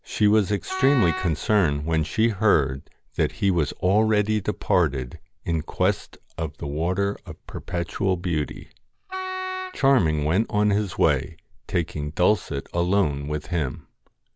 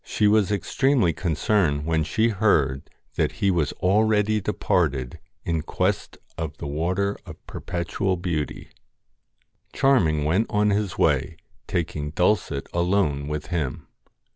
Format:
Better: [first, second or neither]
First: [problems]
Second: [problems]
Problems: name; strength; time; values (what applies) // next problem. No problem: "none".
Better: second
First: background sound (Wind instrument, woodwind instrument); 9 dB below the speech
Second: none